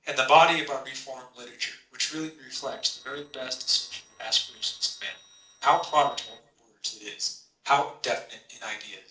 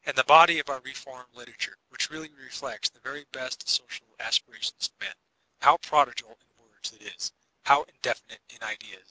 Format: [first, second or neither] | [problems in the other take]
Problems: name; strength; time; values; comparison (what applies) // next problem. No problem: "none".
second | noise reduction (neural separator model SepFormer DNS4)